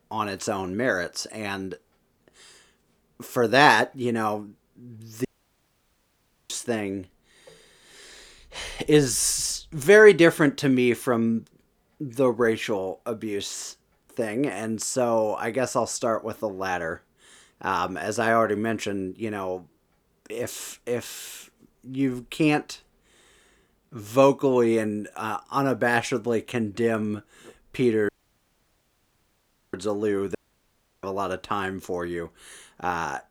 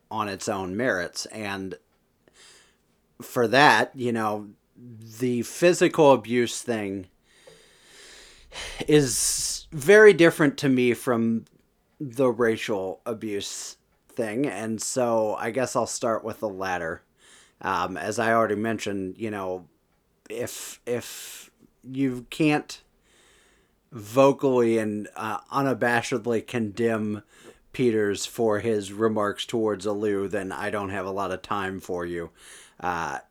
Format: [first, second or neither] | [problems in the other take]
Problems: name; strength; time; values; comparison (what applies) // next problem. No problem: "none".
second | audio cutting out; at 5.5 s for 1.5 s, at 28 s for 1.5 s and at 30 s for 0.5 s